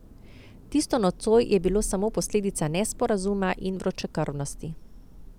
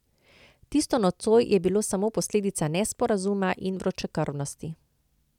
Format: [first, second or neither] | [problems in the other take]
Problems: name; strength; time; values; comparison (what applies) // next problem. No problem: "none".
second | background sound (Thunder / Rain); 14 dB below the speech